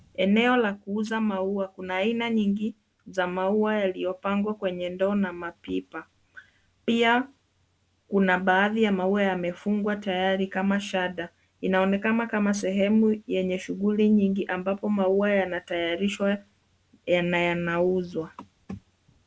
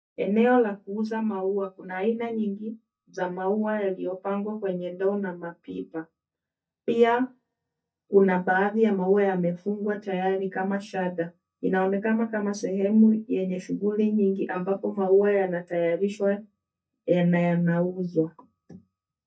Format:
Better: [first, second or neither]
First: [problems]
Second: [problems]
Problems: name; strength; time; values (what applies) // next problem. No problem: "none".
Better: first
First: none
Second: noise reduction (neural mask model DeepFilterNet 3)